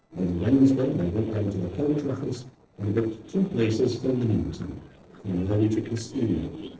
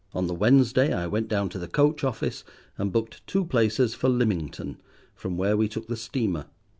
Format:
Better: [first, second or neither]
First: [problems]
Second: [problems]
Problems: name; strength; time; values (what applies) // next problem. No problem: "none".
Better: second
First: noise reduction (neural separator model SepFormer DNS4)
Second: none